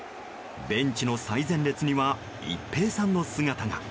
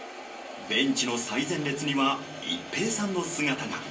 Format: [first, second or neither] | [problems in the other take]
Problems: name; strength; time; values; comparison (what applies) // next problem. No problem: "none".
first | room echo; dies away in 0.3 s